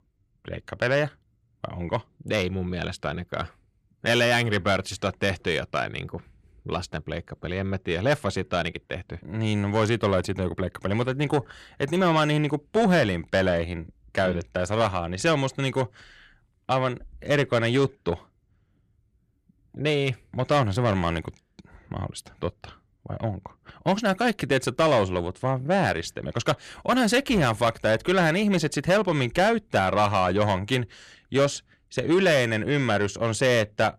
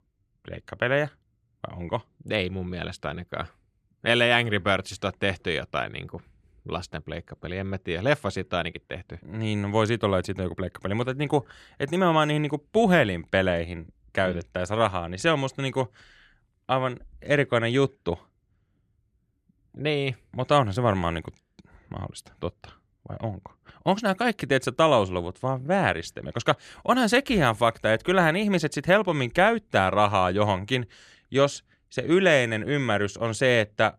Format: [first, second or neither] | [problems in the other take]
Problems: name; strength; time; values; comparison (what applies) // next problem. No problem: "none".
second | distortion; slight; 10 dB below the speech